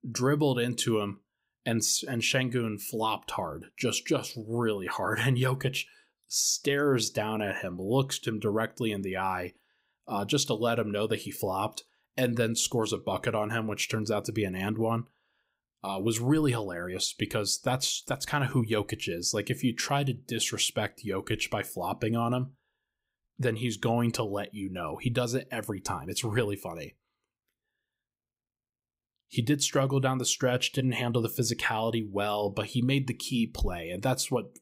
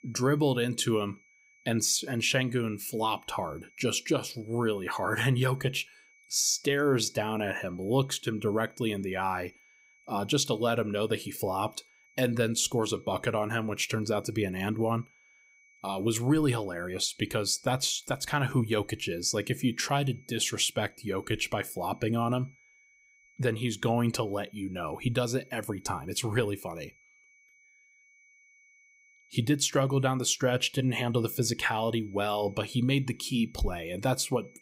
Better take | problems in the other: first | high-pitched whine; faint; throughout; 2.5 kHz, 30 dB below the speech

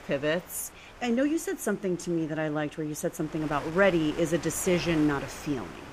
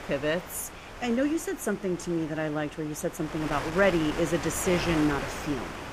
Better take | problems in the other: first | wind noise on the microphone; heavy; 6 dB below the speech; occasional gusts in the first

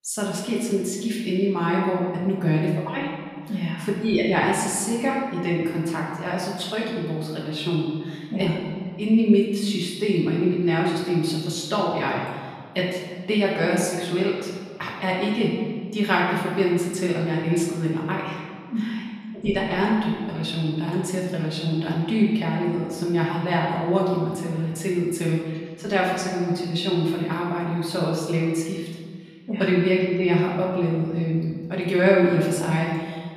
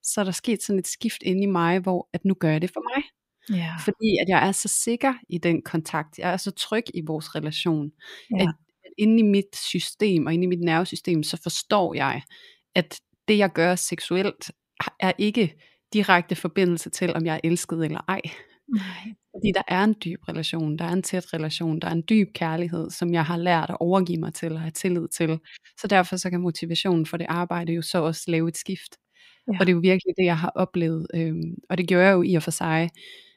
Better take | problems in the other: second | off-mic speech; far // room echo; noticeable; dies away in 1.5 s

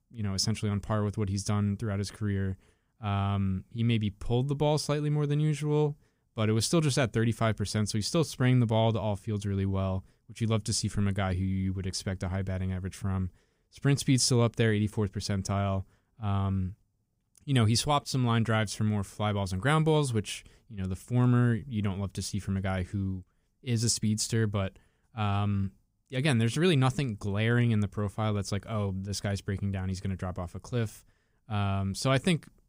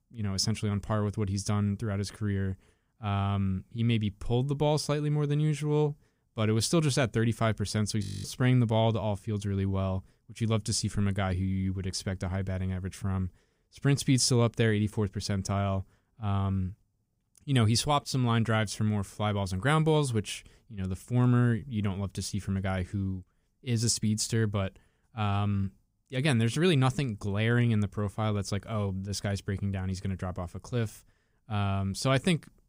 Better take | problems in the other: first | audio freezing; at 8 s

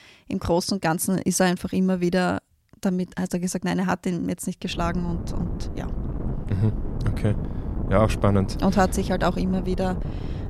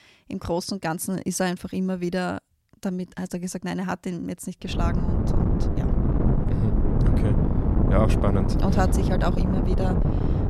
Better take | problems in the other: first | wind noise on the microphone; heavy; from 4.5 s on; 2 dB below the speech; occasional gusts in the first

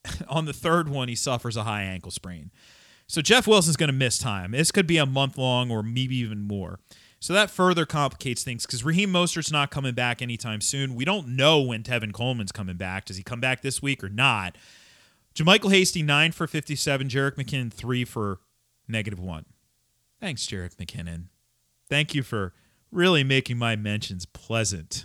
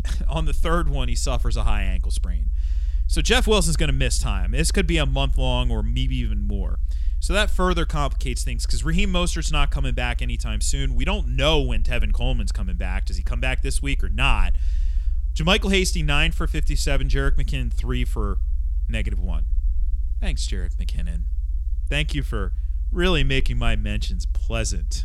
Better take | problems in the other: first | low rumble; faint; throughout; 25 dB below the speech

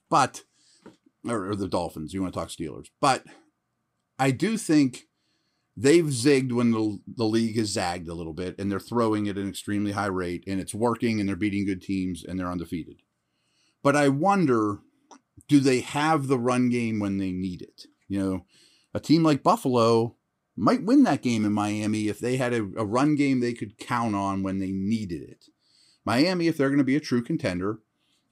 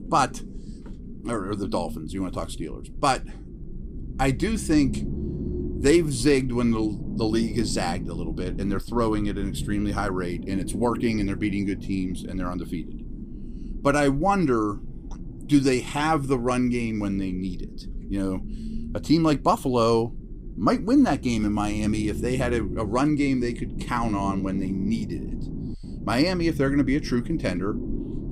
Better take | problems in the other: first | low rumble; noticeable; throughout; 15 dB below the speech

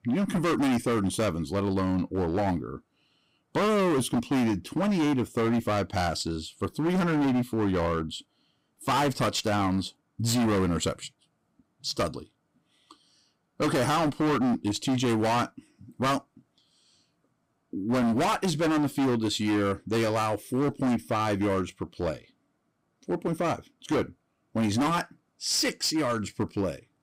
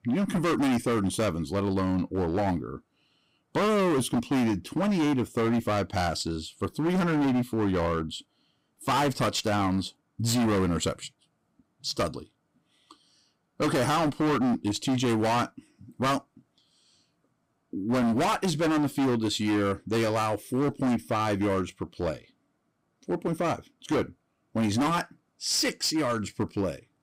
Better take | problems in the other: neither | distortion; heavy; 18% of the sound clipped; the same in both

